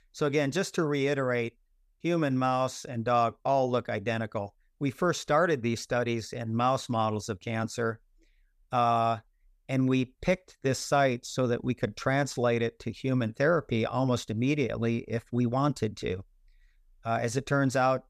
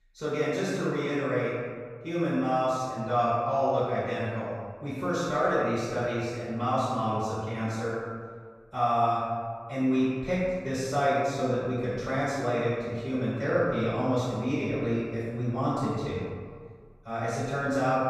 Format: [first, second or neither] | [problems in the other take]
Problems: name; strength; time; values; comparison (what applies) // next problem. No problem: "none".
first | off-mic speech; far // room echo; strong; dies away in 1.5 s